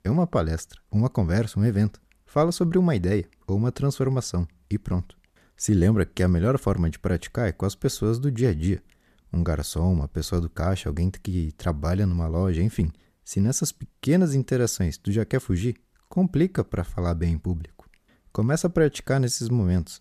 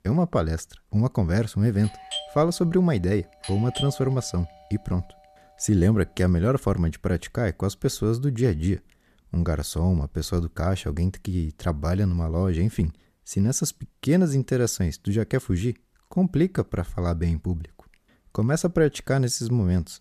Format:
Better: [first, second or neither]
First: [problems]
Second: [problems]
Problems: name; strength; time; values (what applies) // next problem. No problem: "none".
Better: first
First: none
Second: doorbell; noticeable; from 2 to 4 s; peak 7 dB below the speech